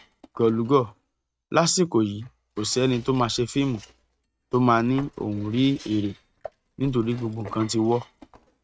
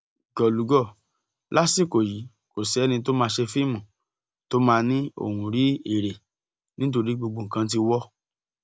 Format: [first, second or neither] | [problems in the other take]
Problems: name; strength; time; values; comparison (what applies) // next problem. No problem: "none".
second | noise reduction (neural mask model RNNoise)